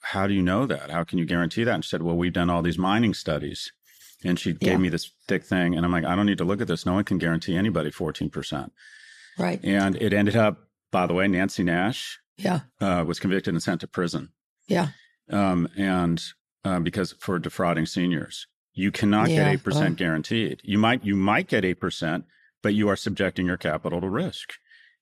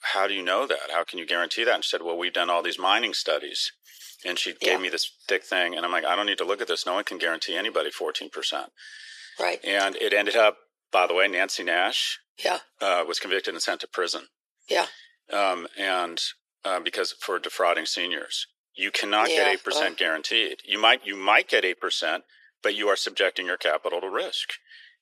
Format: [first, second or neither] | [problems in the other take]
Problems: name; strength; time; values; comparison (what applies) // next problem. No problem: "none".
first | thin; very; fading below 400 Hz